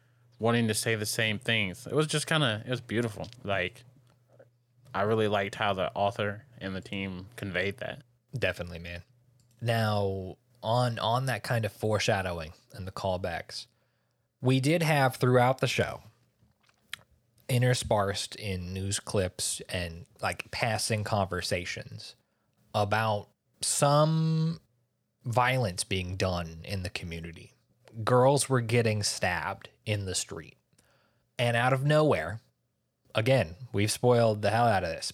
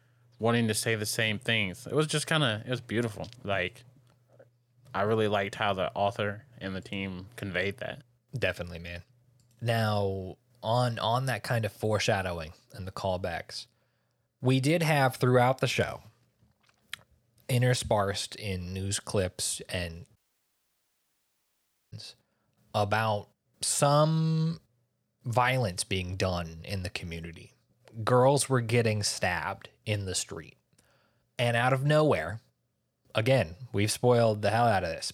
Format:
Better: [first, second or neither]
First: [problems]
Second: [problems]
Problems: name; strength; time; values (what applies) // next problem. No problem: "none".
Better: first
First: none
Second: audio cutting out; at 20 s for 2 s